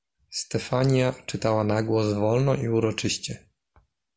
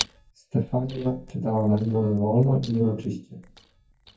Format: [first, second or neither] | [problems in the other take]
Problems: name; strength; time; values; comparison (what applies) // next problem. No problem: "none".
first | noise reduction (neural mask model DeepFilterNet 3)